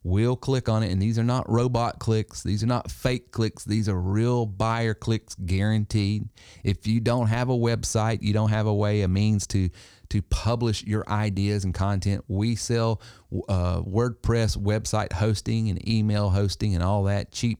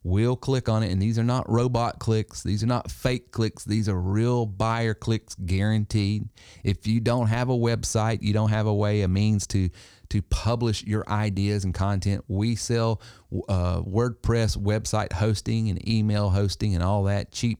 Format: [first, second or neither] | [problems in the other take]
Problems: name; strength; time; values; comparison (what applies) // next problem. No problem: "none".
neither | none